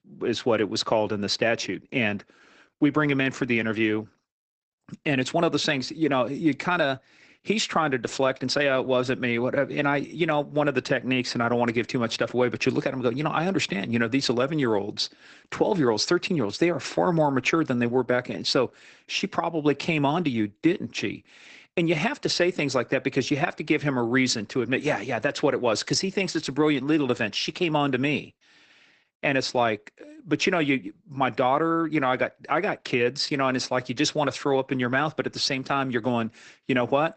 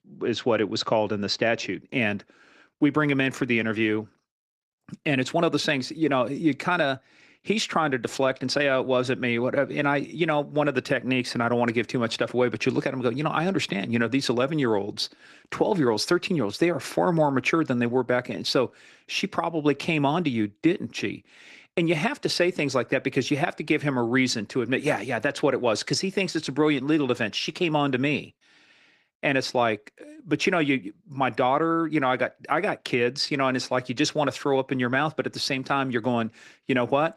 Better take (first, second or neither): second